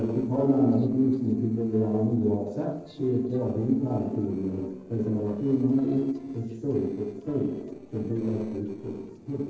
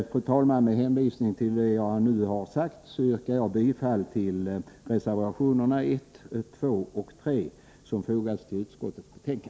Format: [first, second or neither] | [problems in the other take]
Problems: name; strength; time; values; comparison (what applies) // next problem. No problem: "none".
second | noise reduction (neural separator model SepFormer DNS4)